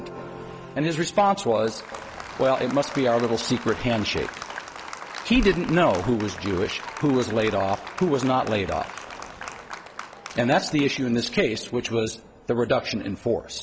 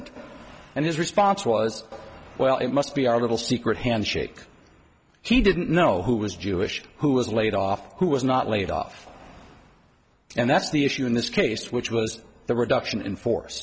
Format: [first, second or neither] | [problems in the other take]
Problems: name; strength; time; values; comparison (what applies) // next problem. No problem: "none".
second | background sound (Applause); 14 dB below the speech